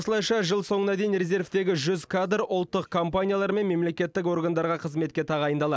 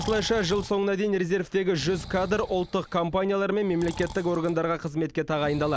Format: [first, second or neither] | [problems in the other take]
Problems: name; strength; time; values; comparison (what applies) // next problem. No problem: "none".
first | background sound (Breathing); 16 dB below the speech